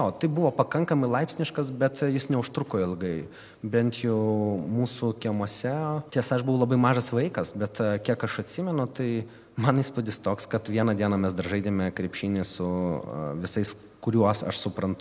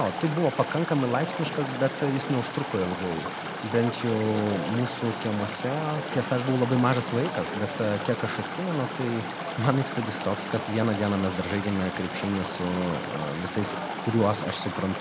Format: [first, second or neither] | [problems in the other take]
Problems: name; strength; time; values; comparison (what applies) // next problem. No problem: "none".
first | background sound (Chatter / Stream); 6 dB below the speech